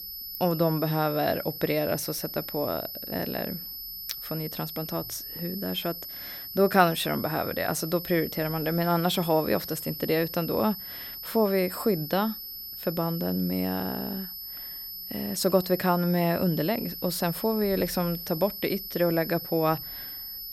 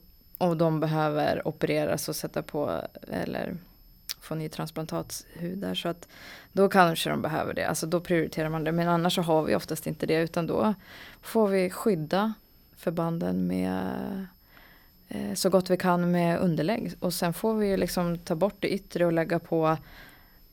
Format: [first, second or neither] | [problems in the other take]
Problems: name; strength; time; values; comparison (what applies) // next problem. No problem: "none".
second | high-pitched whine; loud; throughout; 12 kHz, 8 dB below the speech; faint in the second